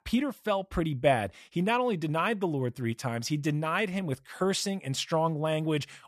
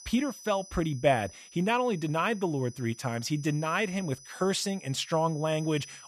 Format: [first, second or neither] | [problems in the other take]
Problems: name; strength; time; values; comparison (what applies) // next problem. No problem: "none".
first | high-pitched whine; noticeable; throughout; 6 kHz, 20 dB below the speech